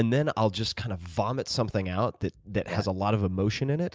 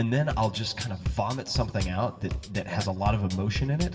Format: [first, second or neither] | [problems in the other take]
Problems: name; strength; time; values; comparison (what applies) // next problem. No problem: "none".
first | background sound (Bass drum / Drum kit); 7 dB below the speech // room echo; dies away in 2.1 s